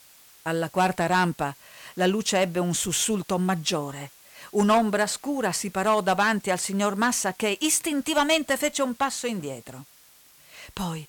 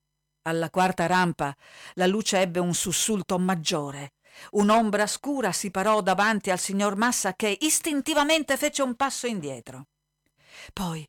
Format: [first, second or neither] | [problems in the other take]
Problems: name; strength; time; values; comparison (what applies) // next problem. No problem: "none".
second | hiss; faint; throughout; 25 dB below the speech